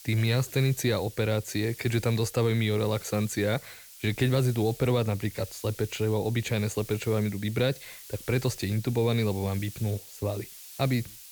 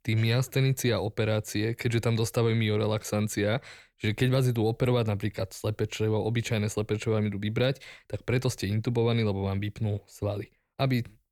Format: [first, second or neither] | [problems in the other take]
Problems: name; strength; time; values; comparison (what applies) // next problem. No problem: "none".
second | hiss; noticeable; throughout; 15 dB below the speech